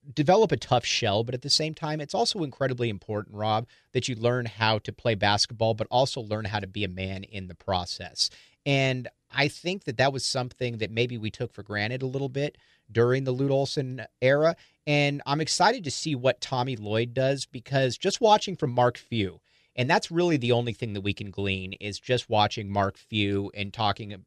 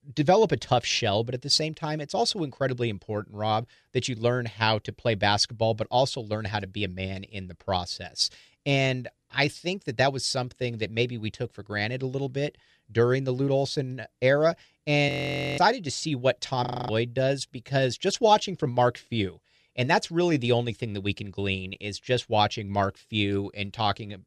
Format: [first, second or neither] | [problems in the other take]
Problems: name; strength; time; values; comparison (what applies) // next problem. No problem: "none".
first | audio freezing; at 15 s and at 17 s